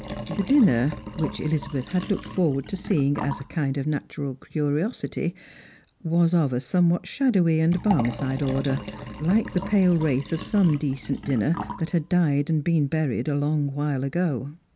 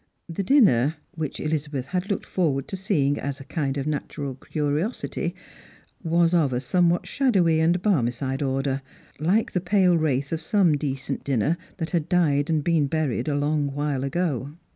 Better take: second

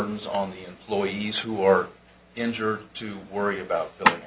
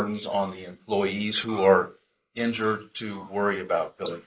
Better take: first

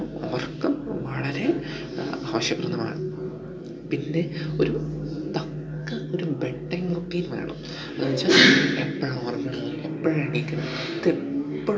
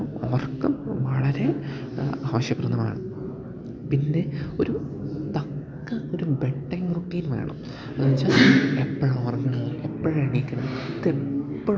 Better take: second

